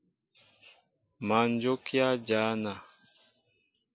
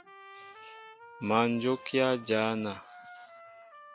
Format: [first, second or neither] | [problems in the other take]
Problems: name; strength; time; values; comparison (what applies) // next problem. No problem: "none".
first | background sound (Trumpet); 18 dB below the speech